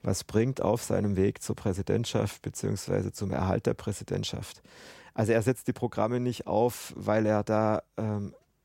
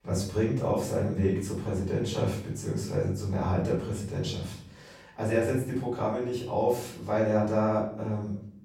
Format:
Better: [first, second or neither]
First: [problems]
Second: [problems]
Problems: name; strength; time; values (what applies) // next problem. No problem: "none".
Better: first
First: none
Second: off-mic speech; far // room echo; noticeable; dies away in 0.5 s